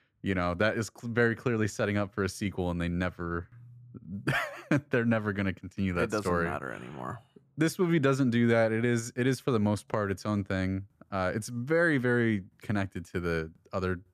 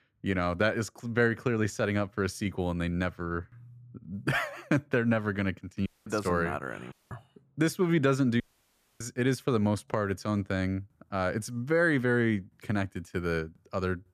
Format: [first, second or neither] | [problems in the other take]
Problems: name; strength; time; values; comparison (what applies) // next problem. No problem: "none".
first | audio cutting out; at 6 s, at 7 s and at 8.5 s for 0.5 s